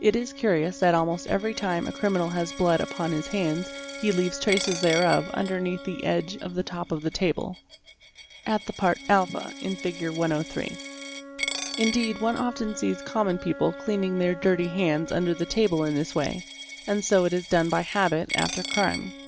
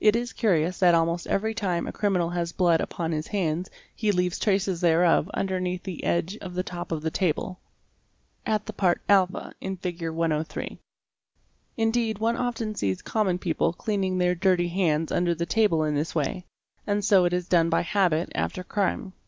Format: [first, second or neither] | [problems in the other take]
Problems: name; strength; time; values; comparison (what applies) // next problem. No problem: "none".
second | background sound (Wind instrument, woodwind instrument + Coin (dropping)); 11 dB below the speech